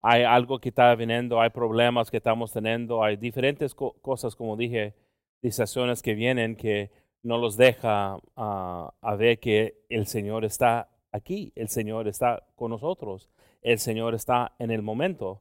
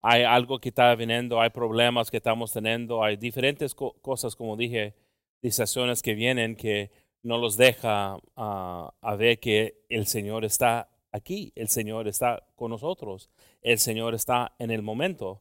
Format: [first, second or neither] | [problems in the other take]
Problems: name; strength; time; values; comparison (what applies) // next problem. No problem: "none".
second | muffled; slightly; fading above 2.5 kHz